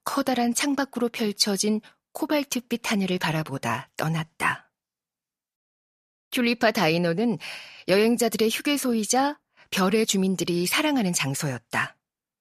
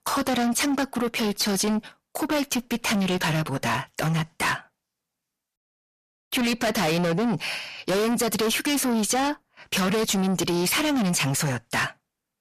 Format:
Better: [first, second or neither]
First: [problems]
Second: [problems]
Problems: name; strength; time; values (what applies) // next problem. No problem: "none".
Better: first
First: none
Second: distortion; heavy; 6 dB below the speech